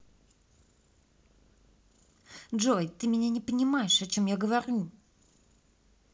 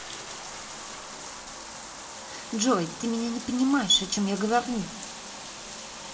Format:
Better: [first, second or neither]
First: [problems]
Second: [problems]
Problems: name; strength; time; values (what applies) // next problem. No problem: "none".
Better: first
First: none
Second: background sound (Bathtub (filling or washing)); 10 dB below the speech // room echo; dies away in 2.8 s